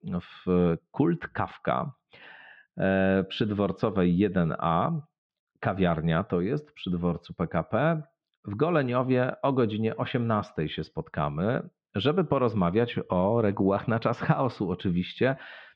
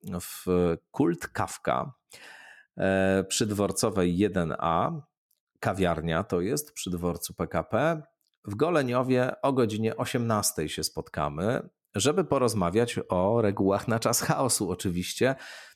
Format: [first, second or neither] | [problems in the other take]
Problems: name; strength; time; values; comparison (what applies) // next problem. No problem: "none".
second | muffled; very; fading above 3.5 kHz